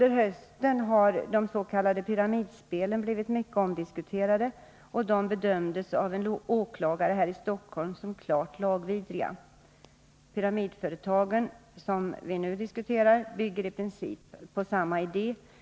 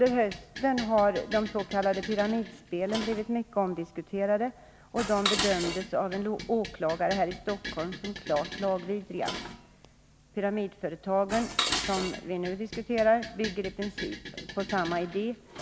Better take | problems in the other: first | background sound (Dishes, pots, and pans); 9 dB below the speech

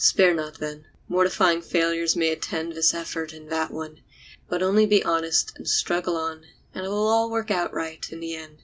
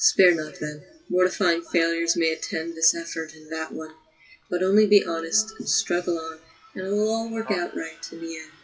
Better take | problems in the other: first | noise reduction (classical method WPE with log-MMSE)

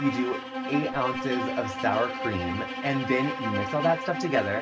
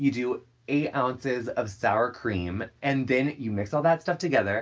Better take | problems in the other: second | background sound (Bowed string instrument); 4 dB below the speech

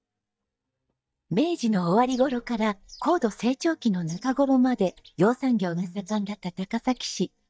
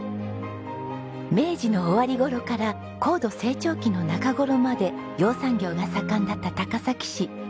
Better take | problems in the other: second | noise reduction (neural mask model DeepFilterNet 3)

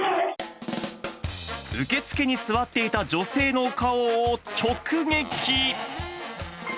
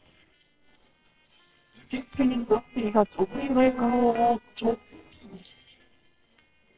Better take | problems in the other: first | noise reduction (neural separator model SepFormer WHAMR!)

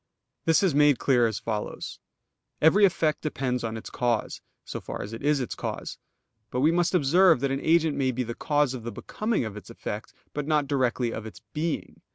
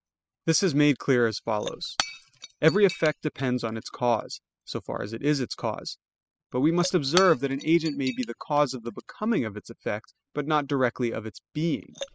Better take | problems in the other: first | noise reduction (classical method spectral subtraction)

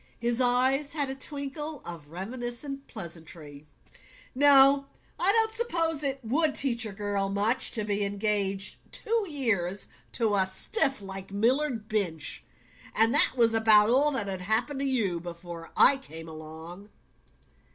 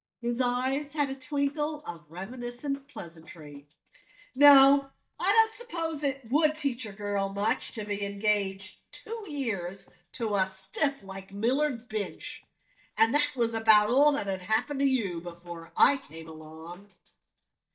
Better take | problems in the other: first | noise reduction (neural mask model DeepFilterNet 3)

